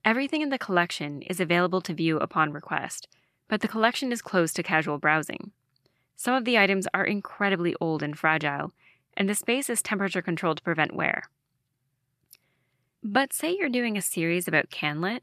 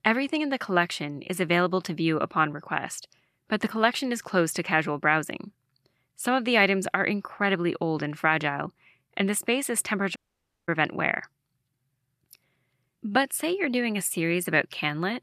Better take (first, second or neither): first